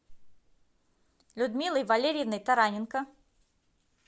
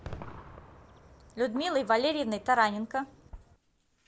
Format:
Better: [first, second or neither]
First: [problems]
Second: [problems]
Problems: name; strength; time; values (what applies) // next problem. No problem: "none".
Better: first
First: none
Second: background sound (Gunshot, gunfire + Fireworks); 17 dB below the speech